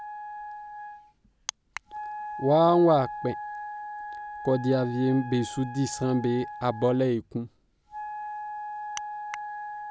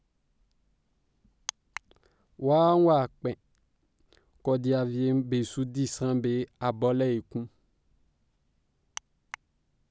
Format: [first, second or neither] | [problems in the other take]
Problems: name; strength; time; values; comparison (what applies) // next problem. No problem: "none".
second | background sound (Wind instrument, woodwind instrument); 10 dB below the speech